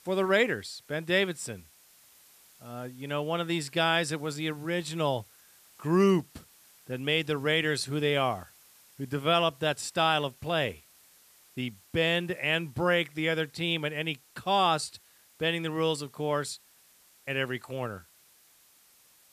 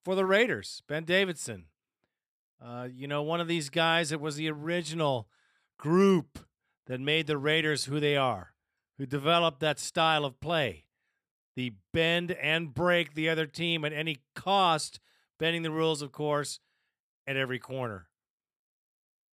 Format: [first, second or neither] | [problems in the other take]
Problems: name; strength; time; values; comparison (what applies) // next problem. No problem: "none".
second | hiss; faint; throughout; 25 dB below the speech